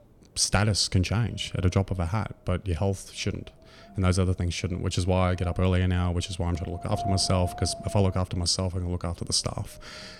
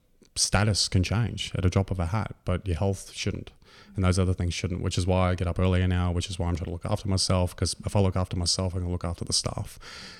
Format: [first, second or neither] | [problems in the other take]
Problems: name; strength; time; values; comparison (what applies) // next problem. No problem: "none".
second | wind noise on the microphone; heavy; 9 dB below the speech